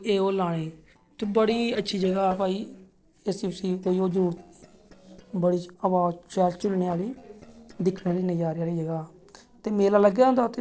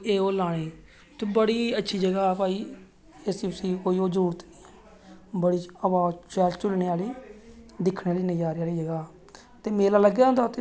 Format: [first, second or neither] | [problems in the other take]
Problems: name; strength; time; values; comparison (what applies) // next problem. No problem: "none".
second | noise reduction (neural separator model SepFormer DNS4)